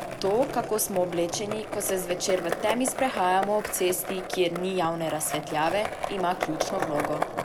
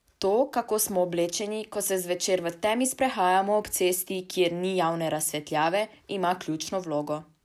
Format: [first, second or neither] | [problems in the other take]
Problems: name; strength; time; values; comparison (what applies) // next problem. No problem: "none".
second | background sound (Skateboard); 6 dB below the speech